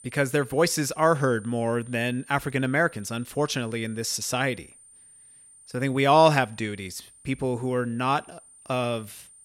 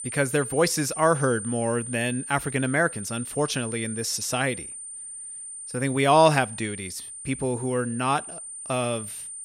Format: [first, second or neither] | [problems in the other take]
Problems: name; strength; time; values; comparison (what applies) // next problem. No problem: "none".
first | high-pitched whine; loud; throughout; 9 kHz, 9 dB below the speech; faint in the first